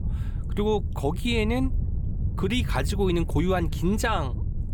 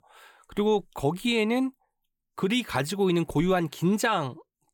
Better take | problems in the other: second | wind noise on the microphone; occasional gusts; 15 dB below the speech

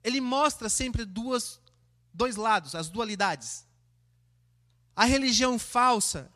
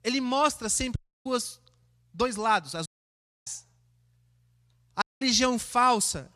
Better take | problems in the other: first | audio cutting out; at 1 s, at 3 s for 0.5 s and at 5 s

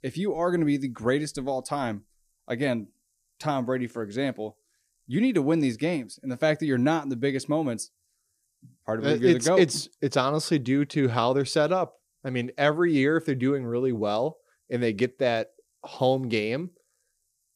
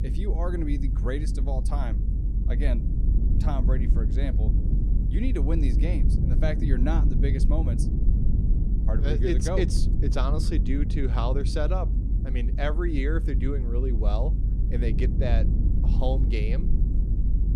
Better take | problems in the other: first | low rumble; loud; throughout; 6 dB below the speech

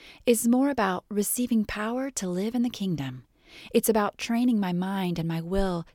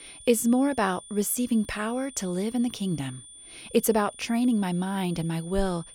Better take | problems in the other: first | high-pitched whine; noticeable; throughout; 9 kHz, 20 dB below the speech

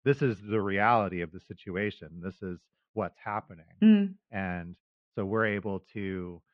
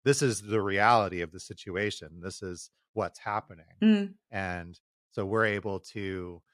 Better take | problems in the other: second | muffled; very; fading above 3 kHz

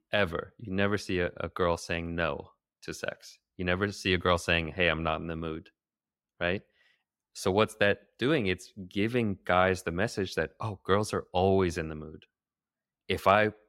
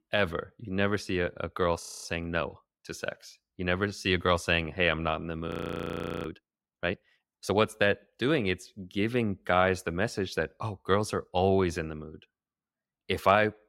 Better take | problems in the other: first | audio freezing; at 2 s and at 5.5 s for 1 s

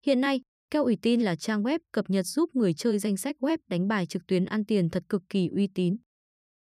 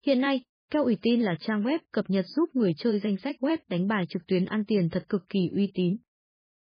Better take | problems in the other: first | garbled, watery; badly; nothing above 4.5 kHz

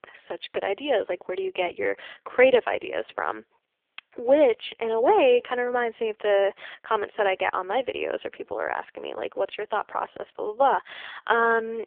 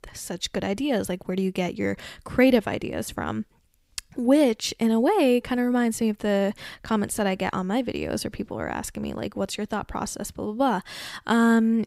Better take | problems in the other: second | phone-call audio; poor line

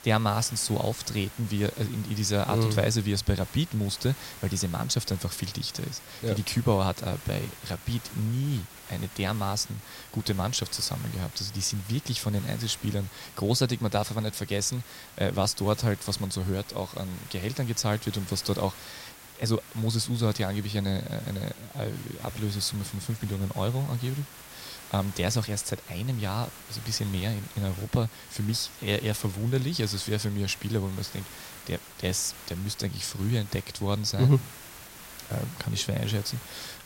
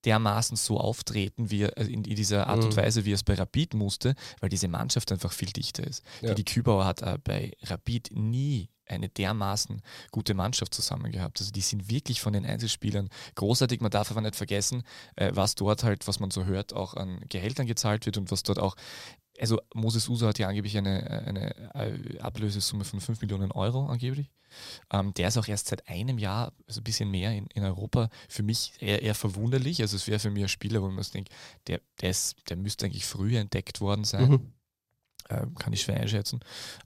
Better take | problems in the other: second | hiss; noticeable; throughout; 15 dB below the speech

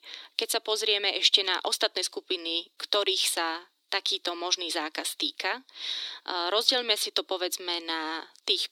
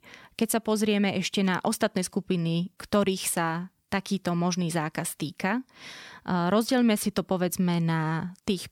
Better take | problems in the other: second | thin; very; fading below 300 Hz

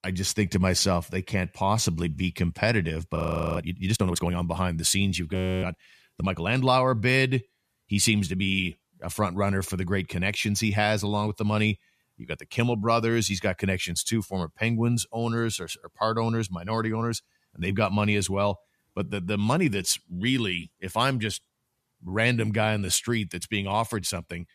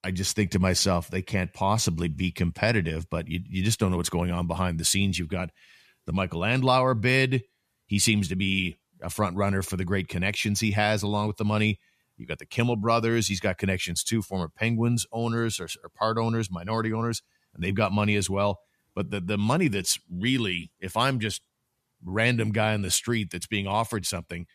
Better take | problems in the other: second | audio freezing; at 3 s and at 5.5 s

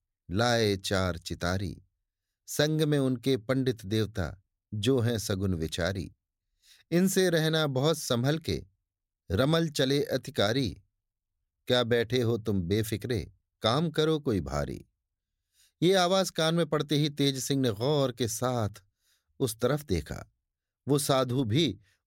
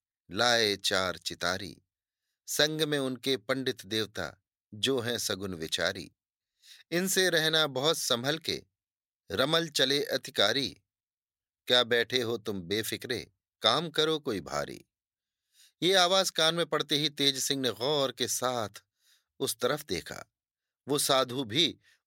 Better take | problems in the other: first | thin; somewhat; fading below 600 Hz

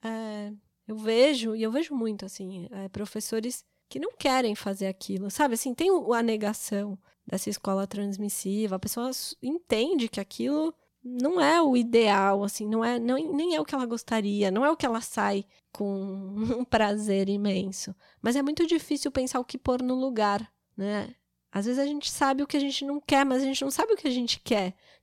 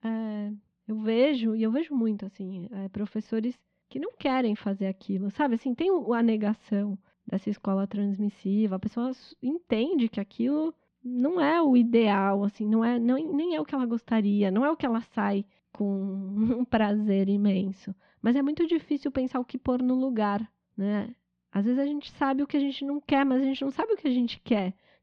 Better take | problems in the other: first | muffled; slightly; fading above 3.5 kHz

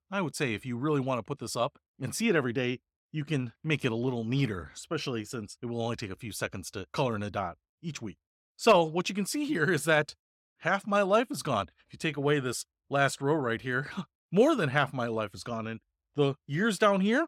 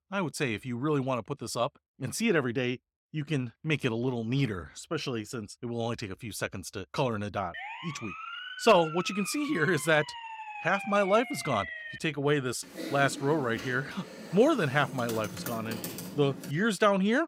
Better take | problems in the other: first | siren; noticeable; from 7.5 to 12 s; peak 8 dB below the speech // keyboard typing; noticeable; from 13 to 17 s; peak 8 dB below the speech

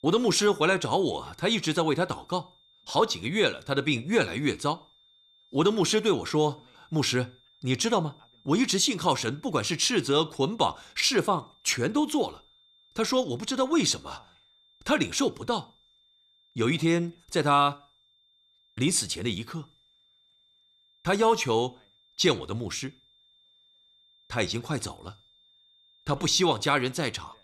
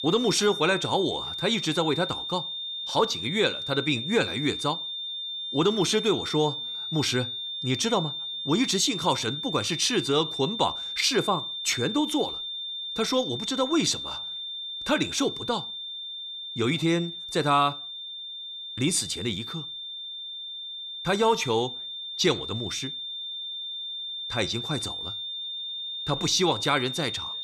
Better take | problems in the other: first | high-pitched whine; loud; throughout; 3.5 kHz, 5 dB below the speech; faint in the first

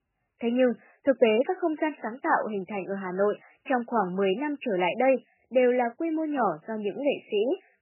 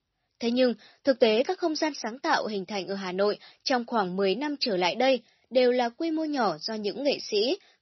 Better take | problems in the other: second | garbled, watery; badly; nothing above 3 kHz; slightly in the second

